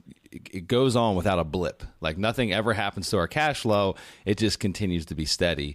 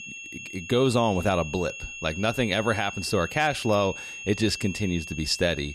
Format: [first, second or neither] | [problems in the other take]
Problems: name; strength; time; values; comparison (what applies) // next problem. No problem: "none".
first | high-pitched whine; noticeable; throughout; 2.5 kHz, 10 dB below the speech